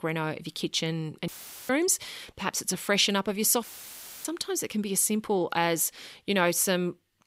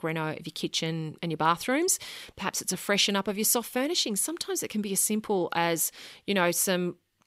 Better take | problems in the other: second | audio cutting out; filled with static; at 1.5 s and at 3.5 s for 0.5 s

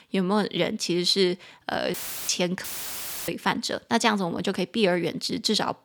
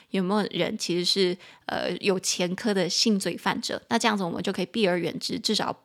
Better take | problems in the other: second | audio cutting out; filled with static; at 2 s and at 2.5 s for 0.5 s

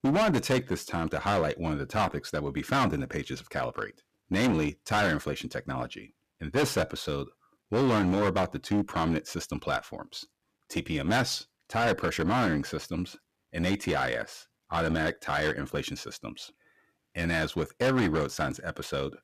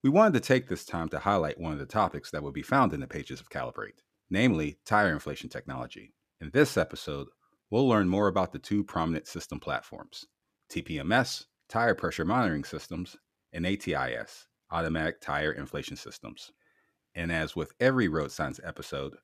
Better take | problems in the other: second | distortion; heavy; 10% of the sound clipped

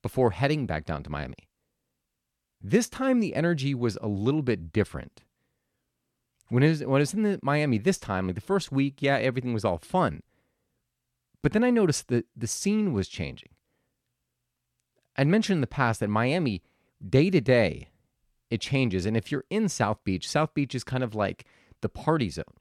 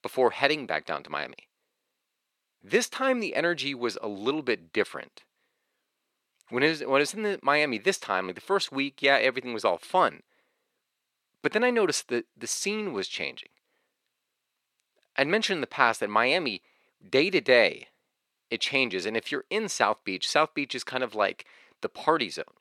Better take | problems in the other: first | thin; somewhat; fading below 450 Hz

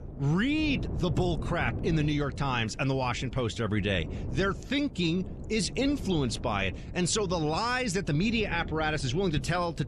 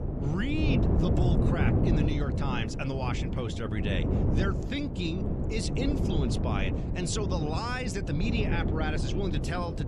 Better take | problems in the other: first | wind noise on the microphone; heavy; 2 dB below the speech; occasional gusts in the first

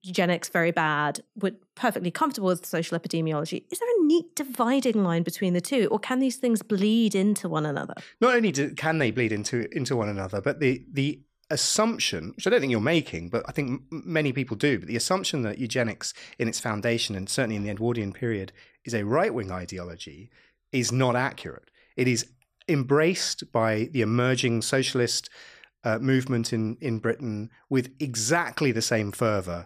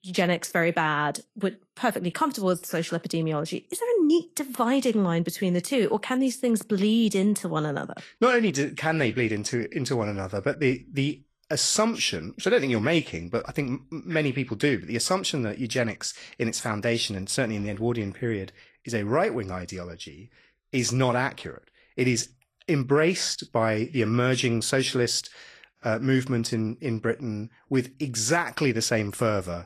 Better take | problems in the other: first | garbled, watery; slightly; nothing above 13 kHz

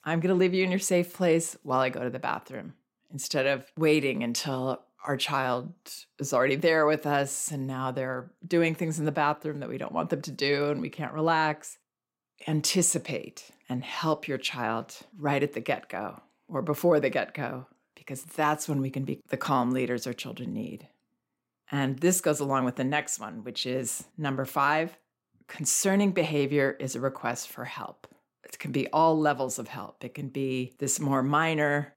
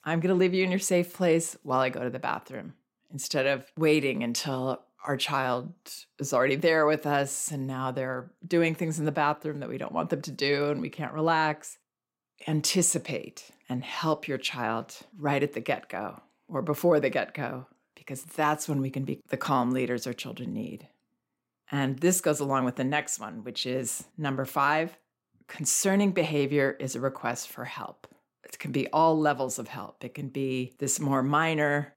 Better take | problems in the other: neither | none

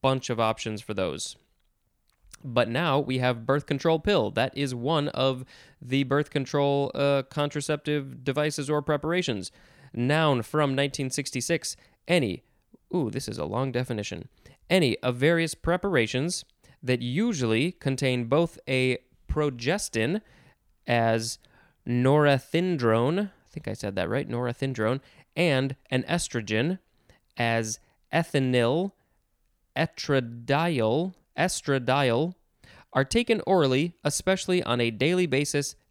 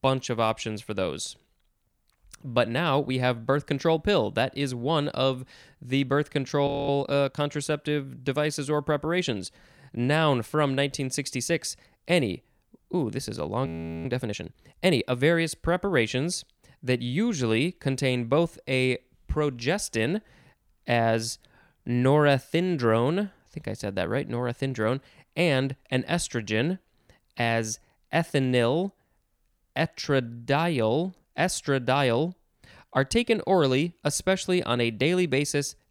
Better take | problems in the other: first | audio freezing; at 6.5 s and at 14 s

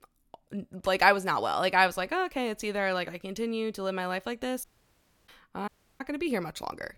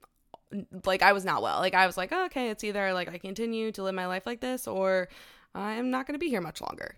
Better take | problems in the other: second | audio cutting out; at 4.5 s for 0.5 s and at 5.5 s

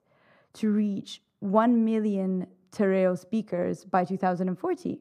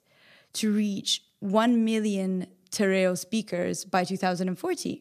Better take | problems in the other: second | muffled; very; fading above 2 kHz

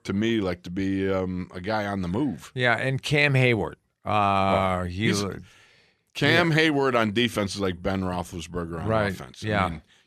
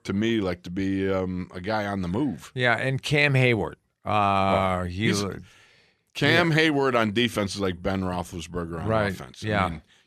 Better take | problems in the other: neither | none

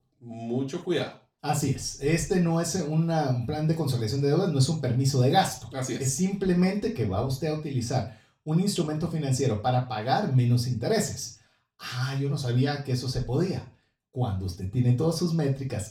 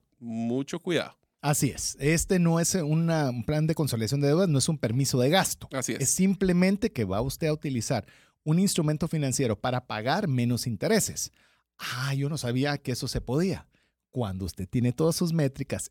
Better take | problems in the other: second | room echo; slight; dies away in 0.3 s // off-mic speech; far

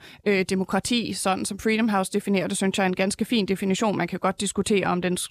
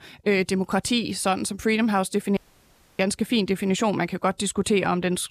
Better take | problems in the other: first | audio cutting out; at 2.5 s for 0.5 s

